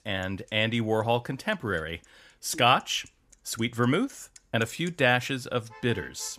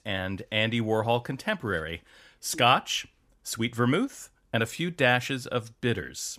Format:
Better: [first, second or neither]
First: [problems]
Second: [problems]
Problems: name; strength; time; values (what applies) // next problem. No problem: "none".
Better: second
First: traffic noise; faint; throughout; 30 dB below the speech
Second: none